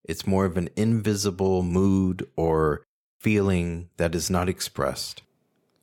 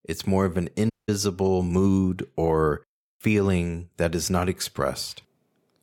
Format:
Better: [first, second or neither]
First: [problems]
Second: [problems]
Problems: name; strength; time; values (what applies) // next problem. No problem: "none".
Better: first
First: none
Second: audio cutting out; at 1 s